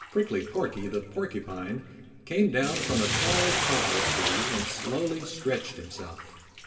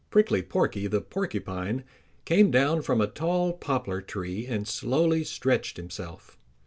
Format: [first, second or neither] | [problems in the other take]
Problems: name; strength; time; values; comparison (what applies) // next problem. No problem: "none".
second | background sound (Bathtub (filling or washing)); 1 dB below the speech // room echo; dies away in 2 s